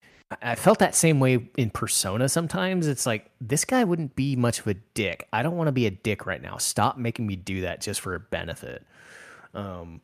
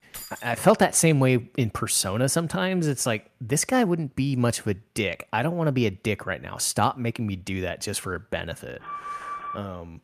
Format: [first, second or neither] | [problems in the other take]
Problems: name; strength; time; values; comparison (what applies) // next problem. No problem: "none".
first | jangling keys; faint; at the start; peak 15 dB below the speech // alarm; noticeable; at 9 s; peak 9 dB below the speech